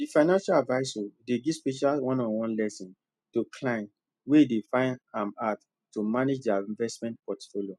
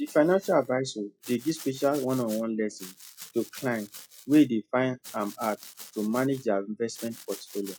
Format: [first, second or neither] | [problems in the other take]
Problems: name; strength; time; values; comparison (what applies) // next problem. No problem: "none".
first | noise reduction (classical method log-MMSE)